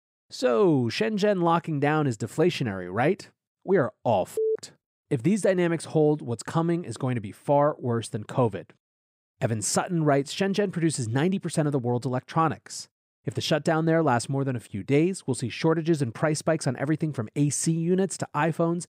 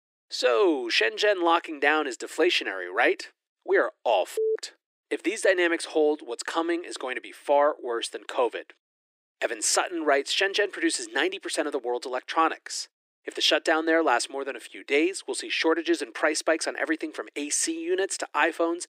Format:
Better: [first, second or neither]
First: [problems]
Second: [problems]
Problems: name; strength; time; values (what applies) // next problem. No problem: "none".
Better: first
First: none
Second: thin; very; fading below 300 Hz